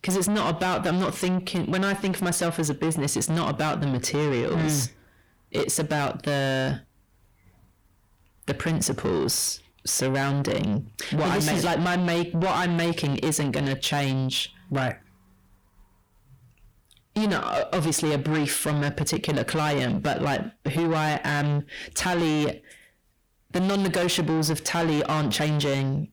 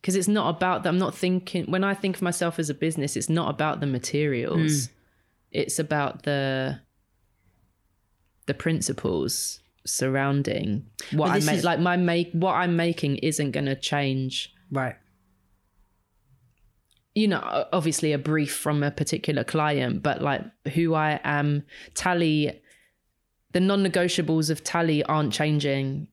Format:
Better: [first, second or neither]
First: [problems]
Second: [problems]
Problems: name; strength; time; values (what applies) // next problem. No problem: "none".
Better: second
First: distortion; heavy; 7 dB below the speech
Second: none